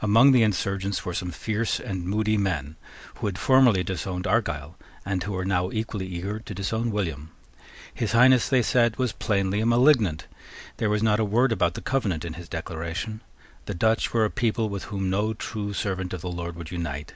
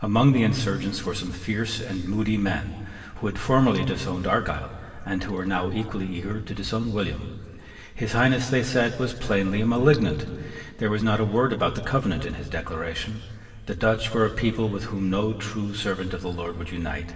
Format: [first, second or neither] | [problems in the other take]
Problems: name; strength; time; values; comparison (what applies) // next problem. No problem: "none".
first | room echo; dies away in 2.6 s